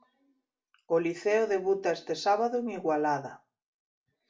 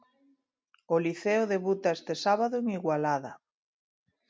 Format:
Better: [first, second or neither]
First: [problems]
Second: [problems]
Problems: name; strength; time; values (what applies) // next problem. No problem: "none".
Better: second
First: room echo; dies away in 0.2 s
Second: none